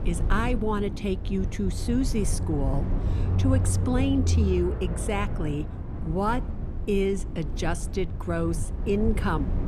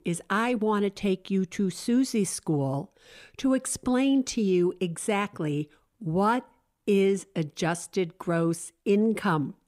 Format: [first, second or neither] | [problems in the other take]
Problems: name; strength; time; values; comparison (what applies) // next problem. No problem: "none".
second | low rumble; loud; throughout; 10 dB below the speech